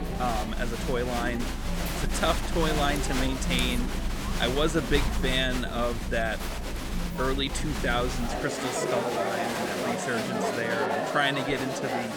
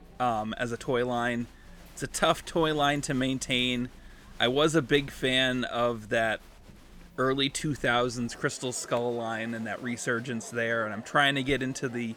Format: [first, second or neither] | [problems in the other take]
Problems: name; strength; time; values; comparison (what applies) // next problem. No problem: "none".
second | crowd noise; loud; throughout; 1 dB below the speech; faint in the second